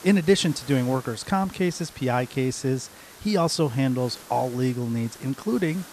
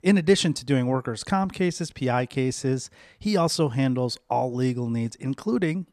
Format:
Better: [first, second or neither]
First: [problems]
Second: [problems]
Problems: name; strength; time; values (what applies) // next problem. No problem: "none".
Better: second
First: hiss; noticeable; throughout; 20 dB below the speech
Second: none